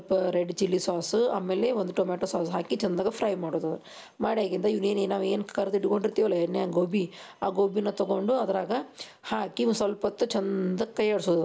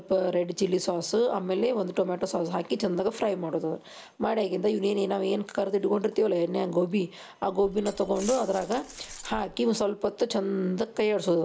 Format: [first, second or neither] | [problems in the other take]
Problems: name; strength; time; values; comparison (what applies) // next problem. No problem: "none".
first | background sound (Glass); 17 dB below the speech